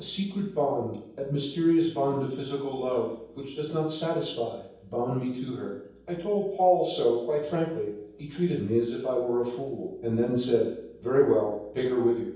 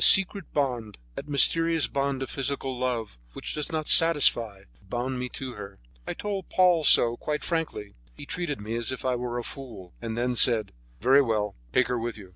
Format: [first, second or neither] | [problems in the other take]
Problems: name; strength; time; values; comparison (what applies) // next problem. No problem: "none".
second | room echo; dies away in 0.9 s